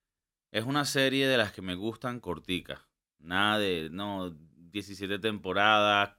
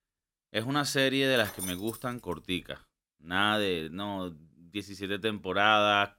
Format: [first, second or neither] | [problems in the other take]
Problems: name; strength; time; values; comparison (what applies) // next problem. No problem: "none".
first | jangling keys; noticeable; at 1.5 s; peak 9 dB below the speech